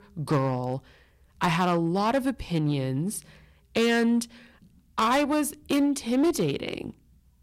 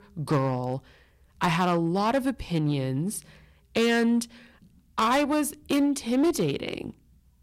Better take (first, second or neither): neither